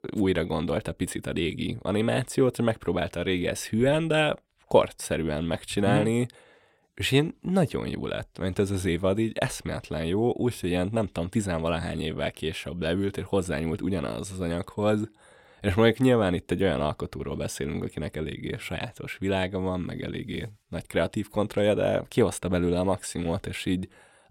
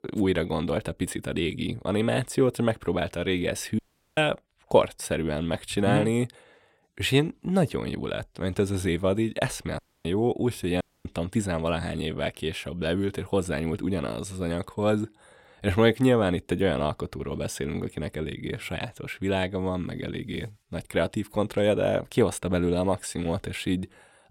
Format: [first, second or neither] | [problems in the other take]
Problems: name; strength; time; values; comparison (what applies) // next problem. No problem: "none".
first | audio cutting out; at 4 s, at 10 s and at 11 s